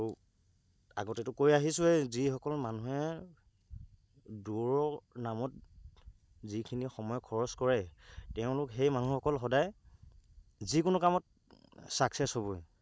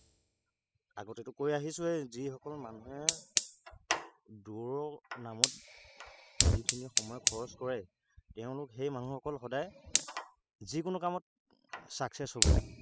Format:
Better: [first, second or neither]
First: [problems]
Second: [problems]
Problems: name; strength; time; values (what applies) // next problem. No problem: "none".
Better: first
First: none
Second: noise reduction (classical method spectral subtraction)